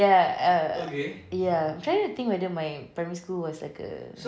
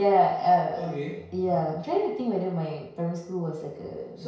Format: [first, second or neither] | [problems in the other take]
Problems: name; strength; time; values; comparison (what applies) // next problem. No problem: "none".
first | room echo; dies away in 0.6 s